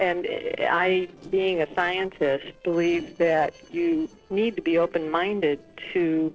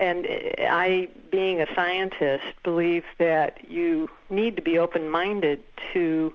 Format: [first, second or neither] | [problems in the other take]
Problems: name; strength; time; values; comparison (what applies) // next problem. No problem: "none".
second | noise reduction (neural separator model SepFormer DNS4)